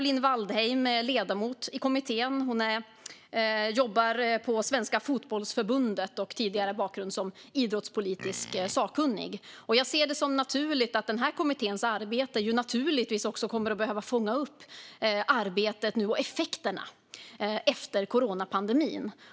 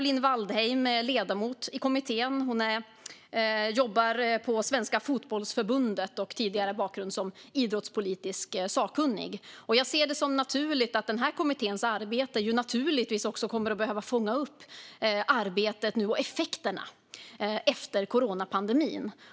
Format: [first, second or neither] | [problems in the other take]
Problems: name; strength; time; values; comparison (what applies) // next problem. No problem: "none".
second | background sound (Livestock, farm animals, working animals); 15 dB below the speech